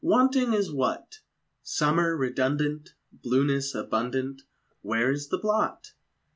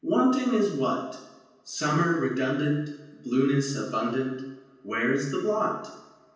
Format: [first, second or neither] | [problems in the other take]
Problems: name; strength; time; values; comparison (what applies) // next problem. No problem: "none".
first | room echo; dies away in 0.9 s